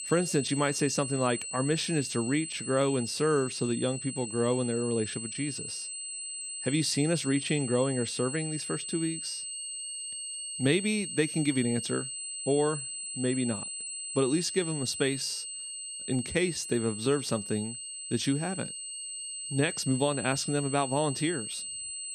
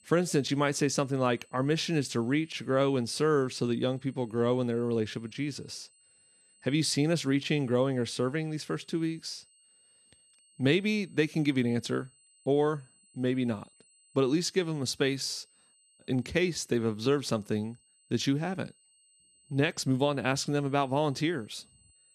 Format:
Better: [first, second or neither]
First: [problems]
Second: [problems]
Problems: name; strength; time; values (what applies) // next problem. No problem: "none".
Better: second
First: high-pitched whine; loud; throughout; 8 kHz, 5 dB below the speech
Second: high-pitched whine; faint; throughout; 8 kHz, 30 dB below the speech